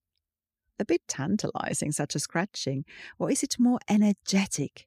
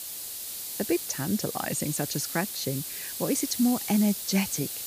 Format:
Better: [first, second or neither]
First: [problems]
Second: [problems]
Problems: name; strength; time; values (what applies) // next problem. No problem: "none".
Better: first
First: none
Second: hiss; loud; throughout; 4 dB below the speech